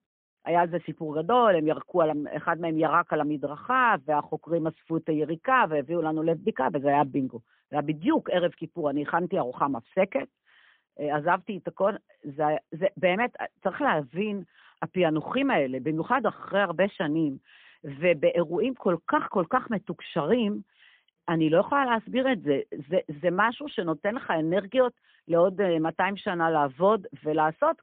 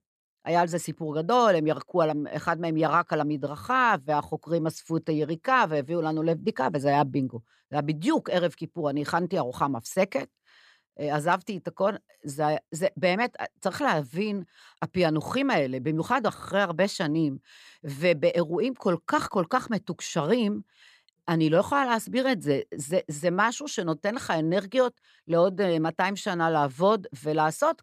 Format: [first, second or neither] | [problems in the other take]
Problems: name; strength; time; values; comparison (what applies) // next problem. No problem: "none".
second | phone-call audio; poor line